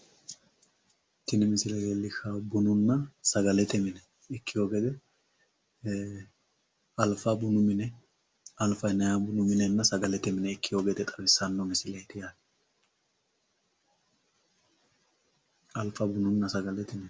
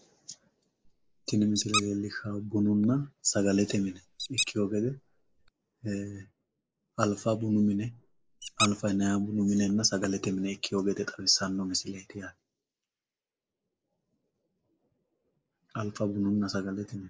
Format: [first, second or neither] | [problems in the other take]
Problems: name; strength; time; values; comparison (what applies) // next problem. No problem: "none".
first | noise reduction (neural mask model Resemble Enhance denoiser)